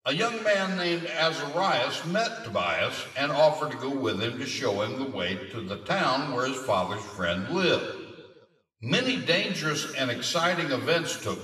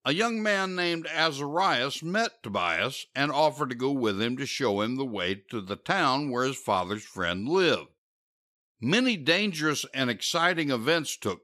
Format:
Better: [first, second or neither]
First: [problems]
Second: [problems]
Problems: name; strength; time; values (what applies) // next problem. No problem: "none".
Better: second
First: room echo; noticeable; dies away in 1.1 s // off-mic speech; far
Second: none